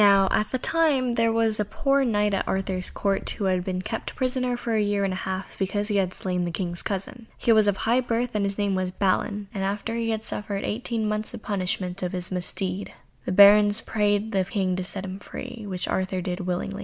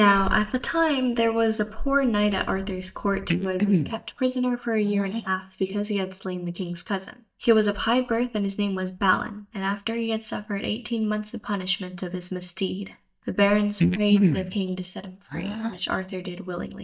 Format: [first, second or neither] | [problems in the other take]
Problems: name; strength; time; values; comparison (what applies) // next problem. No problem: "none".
first | noise reduction (neural mask model DeepFilterNet 3)